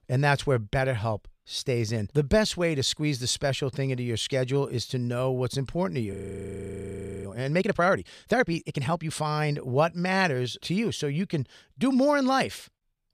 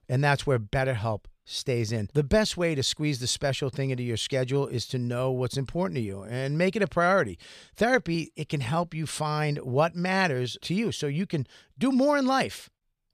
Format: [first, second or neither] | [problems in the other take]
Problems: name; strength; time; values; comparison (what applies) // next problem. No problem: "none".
second | audio freezing; at 6 s for 1 s